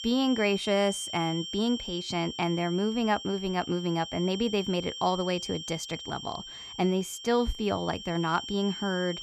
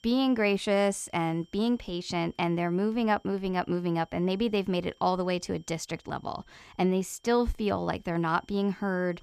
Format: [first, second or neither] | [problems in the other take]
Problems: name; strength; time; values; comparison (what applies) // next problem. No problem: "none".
second | high-pitched whine; loud; throughout; 3 kHz, 8 dB below the speech; faint in the second